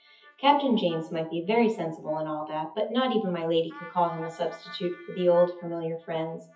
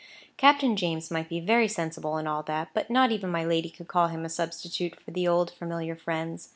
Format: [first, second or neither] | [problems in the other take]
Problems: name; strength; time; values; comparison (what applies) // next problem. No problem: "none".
second | noise reduction (classical method WPE with log-MMSE)